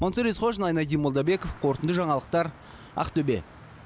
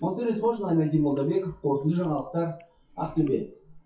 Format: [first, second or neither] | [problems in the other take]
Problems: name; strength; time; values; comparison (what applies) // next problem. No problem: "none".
first | noise reduction (classical method WPE with log-MMSE)